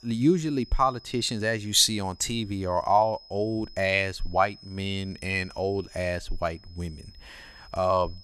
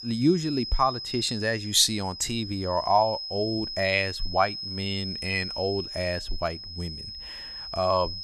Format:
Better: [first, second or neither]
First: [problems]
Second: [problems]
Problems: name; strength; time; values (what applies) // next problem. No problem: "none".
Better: first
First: high-pitched whine; faint; throughout; 5 kHz, 25 dB below the speech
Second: high-pitched whine; loud; throughout; 5 kHz, 7 dB below the speech